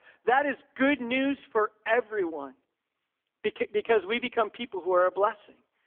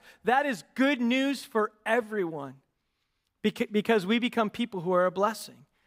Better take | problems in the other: second | phone-call audio; poor line; nothing above 3.5 kHz

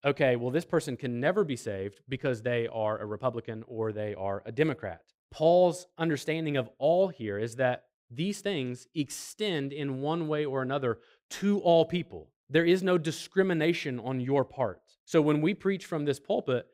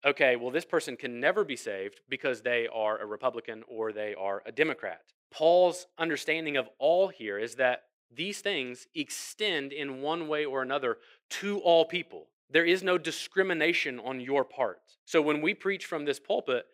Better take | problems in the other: first | thin; somewhat; fading below 350 Hz

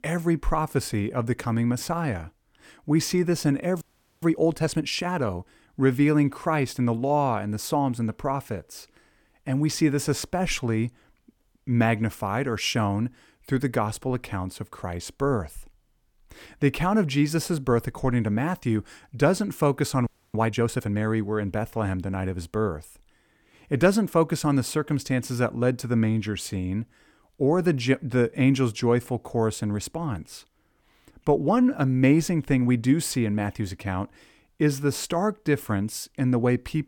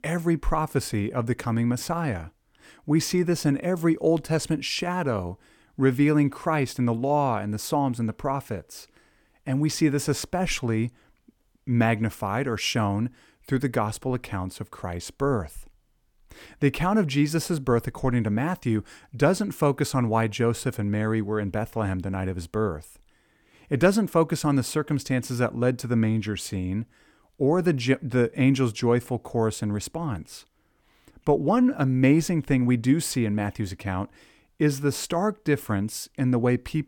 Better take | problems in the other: second | audio freezing; at 4 s and at 20 s

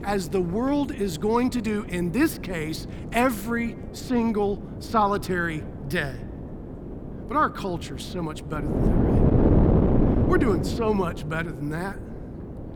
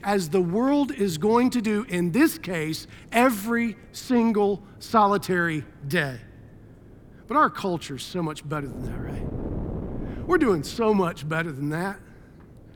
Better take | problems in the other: second | wind noise on the microphone; heavy; 7 dB below the speech; occasional gusts in the second

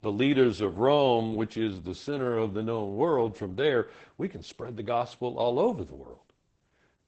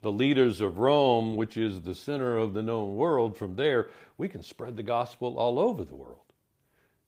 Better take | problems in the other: second | garbled, watery; badly; nothing above 8 kHz; slightly in the second

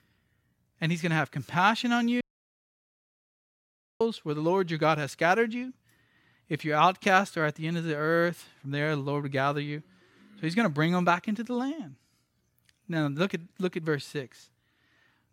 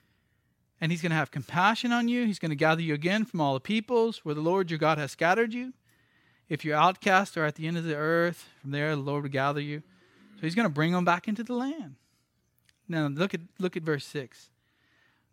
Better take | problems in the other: second | audio cutting out; at 2 s for 2 s

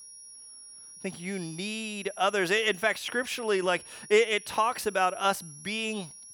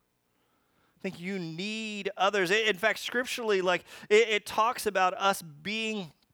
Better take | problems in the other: second | high-pitched whine; noticeable; throughout; 10.5 kHz, 15 dB below the speech

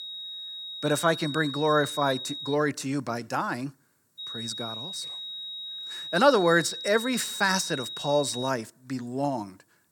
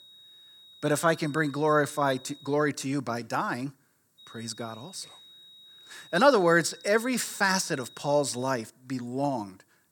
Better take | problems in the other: second | high-pitched whine; loud; until 2.5 s and from 4 to 8.5 s; 4 kHz, 8 dB below the speech; faint in the second

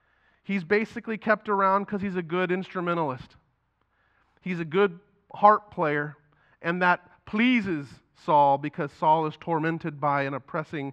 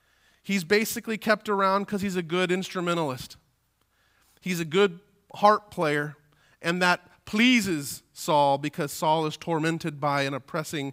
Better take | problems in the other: second | muffled; very; fading above 2 kHz

